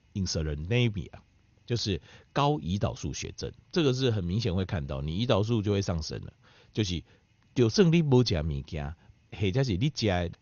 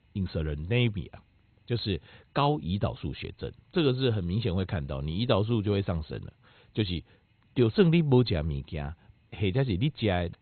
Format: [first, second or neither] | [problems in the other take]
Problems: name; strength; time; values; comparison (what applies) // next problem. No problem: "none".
first | garbled, watery; badly; nothing above 4 kHz; slightly in the first